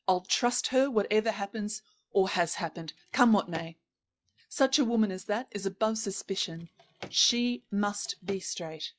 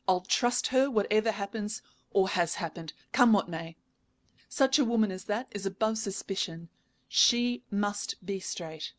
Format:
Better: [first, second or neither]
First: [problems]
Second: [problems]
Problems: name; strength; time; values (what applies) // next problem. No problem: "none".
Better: second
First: noise reduction (classical method log-MMSE)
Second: none